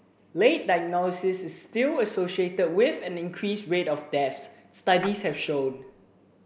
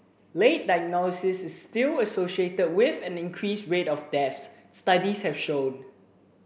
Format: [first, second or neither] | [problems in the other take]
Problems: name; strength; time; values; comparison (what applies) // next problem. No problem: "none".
second | background sound (Splash, splatter); 19 dB below the speech